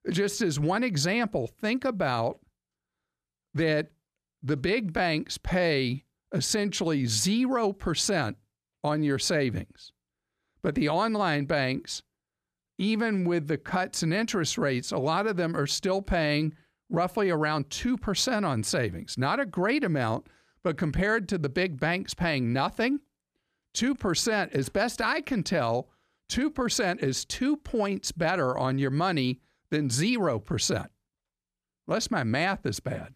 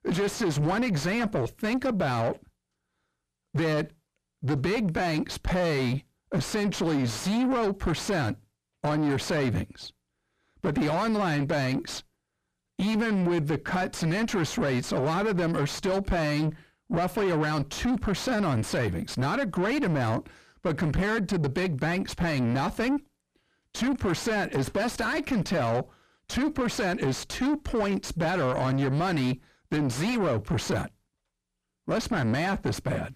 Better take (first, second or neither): first